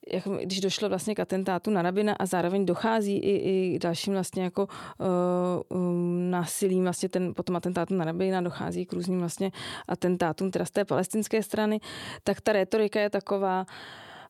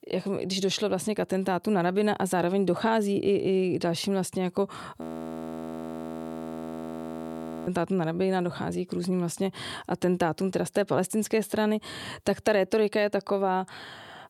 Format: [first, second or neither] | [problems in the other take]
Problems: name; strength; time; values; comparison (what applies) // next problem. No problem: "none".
first | audio freezing; at 5 s for 2.5 s